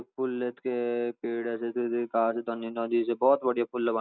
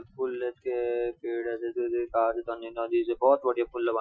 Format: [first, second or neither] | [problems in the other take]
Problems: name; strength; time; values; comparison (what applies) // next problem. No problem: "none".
first | noise reduction (classical method Wiener filter)